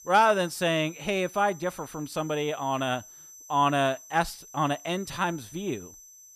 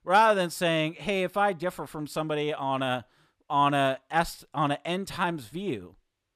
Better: second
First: high-pitched whine; noticeable; throughout; 6 kHz, 20 dB below the speech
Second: none

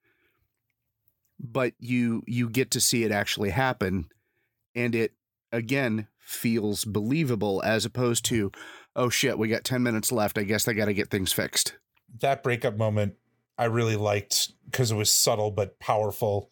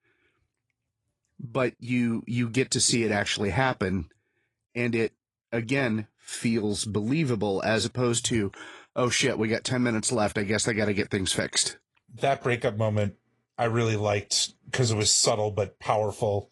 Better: first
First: none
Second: garbled, watery; slightly

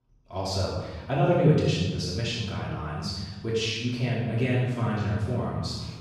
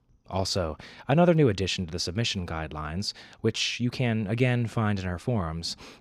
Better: second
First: off-mic speech; far // room echo; strong; dies away in 1.2 s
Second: none

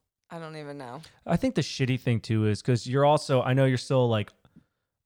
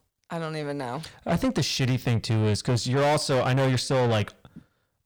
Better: first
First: none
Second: distortion; heavy; 7 dB below the speech

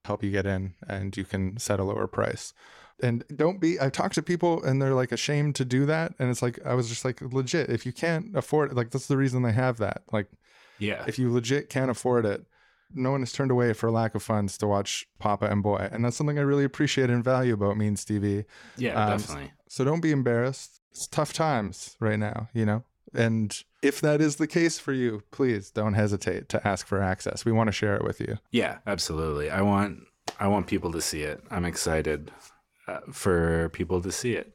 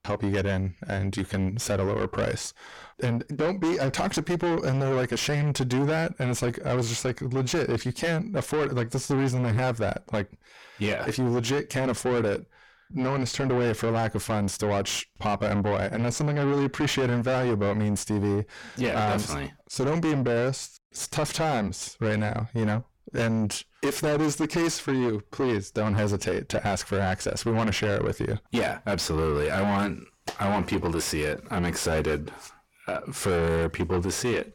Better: first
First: none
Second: distortion; heavy; 5 dB below the speech

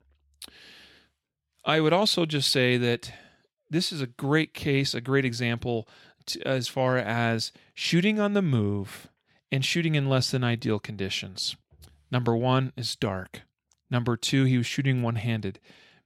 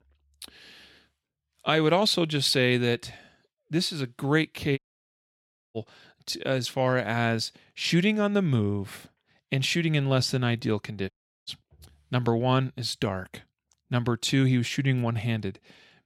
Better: first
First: none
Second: audio cutting out; at 5 s for 1 s and at 11 s

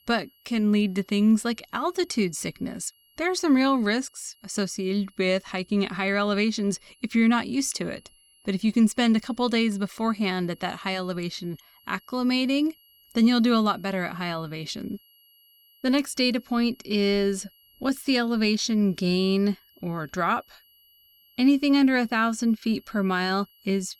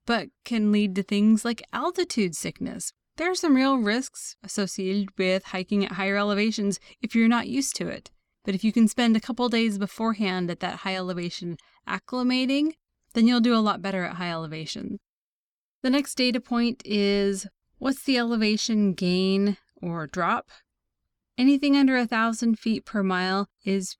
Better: second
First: high-pitched whine; faint; throughout; 3 kHz, 30 dB below the speech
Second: none

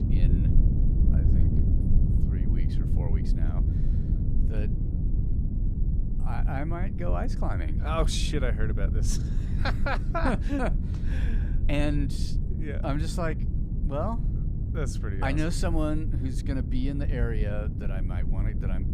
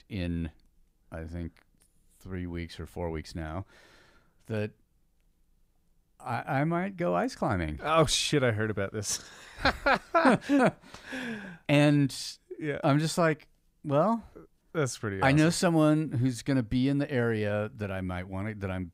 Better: second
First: low rumble; loud; throughout; 8 dB below the speech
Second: none

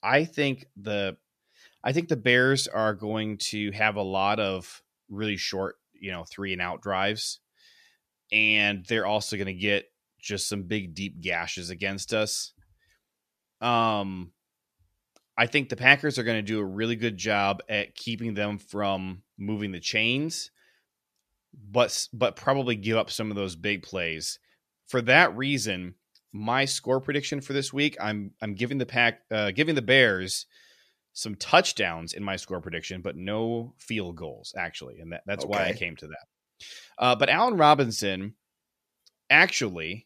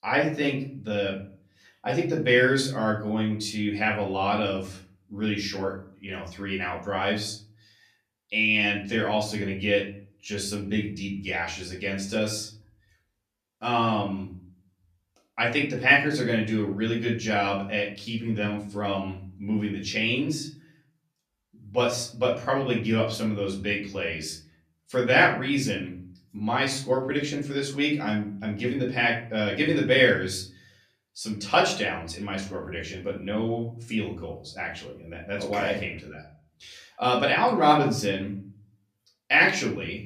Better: first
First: none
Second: off-mic speech; far // room echo; slight; dies away in 0.5 s

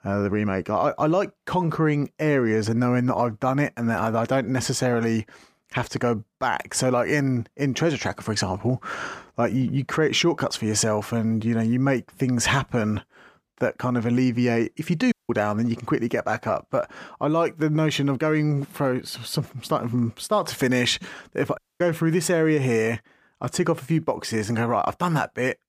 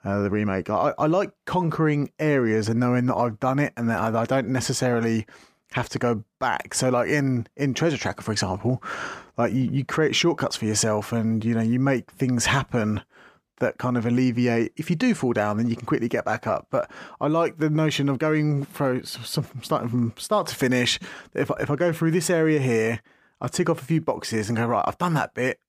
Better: second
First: audio cutting out; at 15 s and at 22 s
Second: none

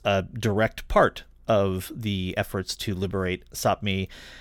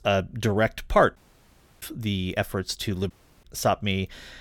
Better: first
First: none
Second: audio cutting out; at 1 s for 0.5 s and at 3 s

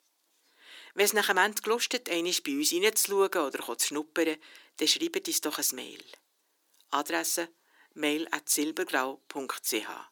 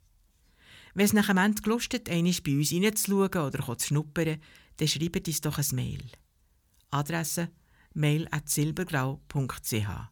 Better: second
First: thin; somewhat; fading below 300 Hz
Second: none

